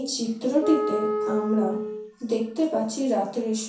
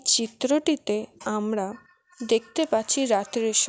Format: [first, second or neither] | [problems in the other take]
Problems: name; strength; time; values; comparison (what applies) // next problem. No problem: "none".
second | background sound (Wind instrument, woodwind instrument); 4 dB below the speech // room echo; dies away in 0.6 s